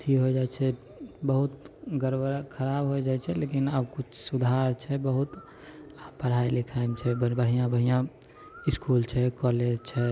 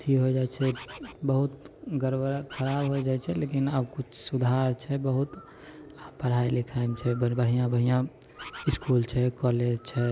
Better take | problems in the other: first | background sound (Bird); 16 dB below the speech

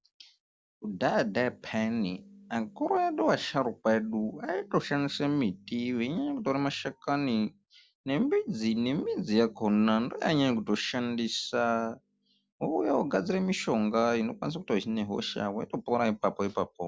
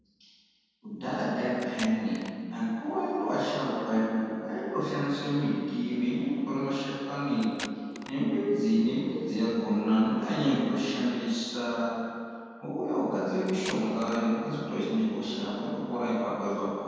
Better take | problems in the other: first | background sound (Packing tape, duct tape); 15 dB below the speech // room echo; dies away in 2.1 s

